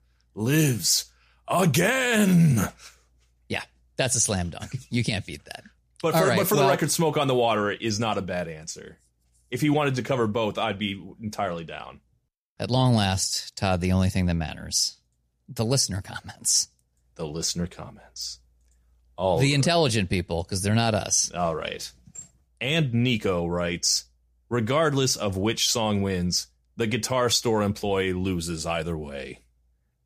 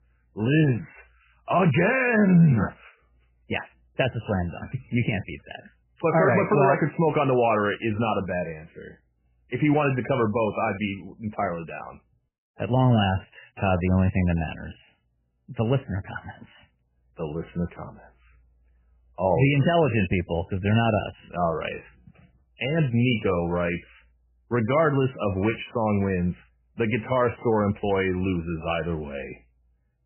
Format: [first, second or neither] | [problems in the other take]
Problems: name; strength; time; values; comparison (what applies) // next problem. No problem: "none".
first | garbled, watery; badly; nothing above 3 kHz